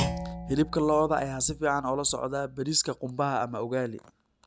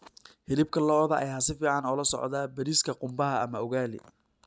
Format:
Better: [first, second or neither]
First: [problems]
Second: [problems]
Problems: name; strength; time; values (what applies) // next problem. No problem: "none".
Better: second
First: background sound (Thump, thud); 11 dB below the speech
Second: none